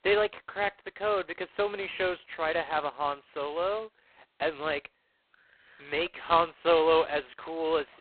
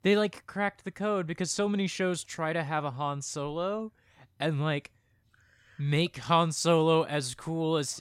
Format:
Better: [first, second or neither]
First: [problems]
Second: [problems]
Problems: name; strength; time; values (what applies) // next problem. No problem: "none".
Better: second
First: phone-call audio; poor line; nothing above 4 kHz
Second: none